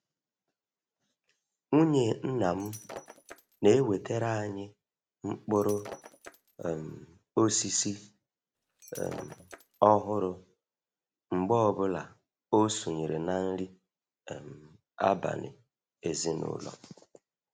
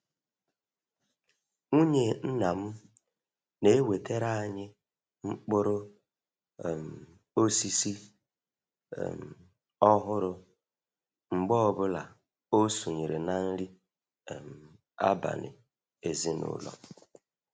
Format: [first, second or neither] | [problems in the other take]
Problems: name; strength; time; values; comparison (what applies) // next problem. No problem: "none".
second | background sound (Shatter); 19 dB below the speech